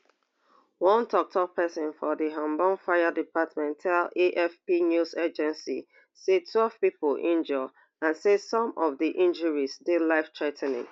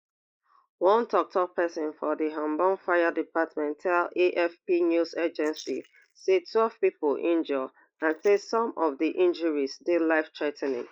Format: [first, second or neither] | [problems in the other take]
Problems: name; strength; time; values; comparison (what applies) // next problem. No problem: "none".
first | noise reduction (neural mask model Resemble Enhance denoiser)